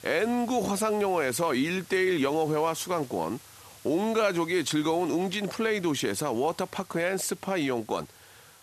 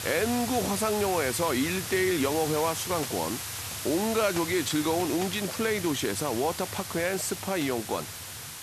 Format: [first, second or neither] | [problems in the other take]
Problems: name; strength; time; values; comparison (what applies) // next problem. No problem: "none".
first | hiss; loud; throughout; 6 dB below the speech; faint in the first